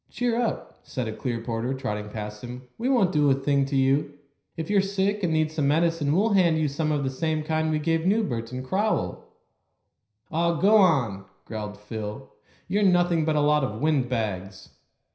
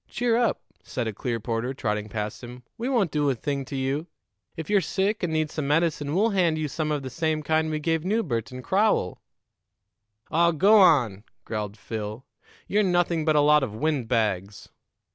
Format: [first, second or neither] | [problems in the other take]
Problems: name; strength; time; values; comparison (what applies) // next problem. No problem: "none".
second | room echo; dies away in 0.5 s